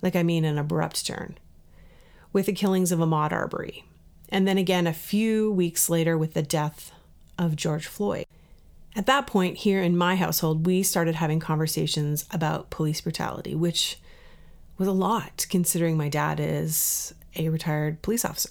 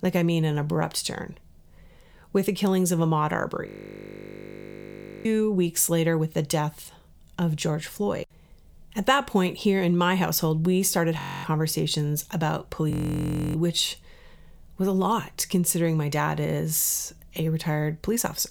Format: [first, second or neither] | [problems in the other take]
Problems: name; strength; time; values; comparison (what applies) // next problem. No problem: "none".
first | audio freezing; at 3.5 s for 1.5 s, at 11 s and at 13 s for 0.5 s